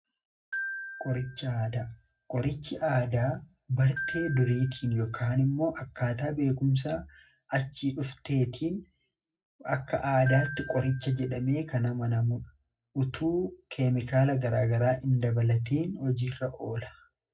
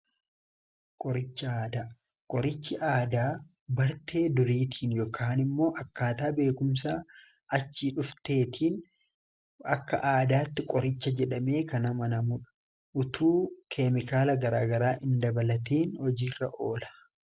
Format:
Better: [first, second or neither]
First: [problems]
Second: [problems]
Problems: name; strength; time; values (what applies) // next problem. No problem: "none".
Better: second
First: background sound (Glockenspiel); 14 dB below the speech // room echo; dies away in 0.4 s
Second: none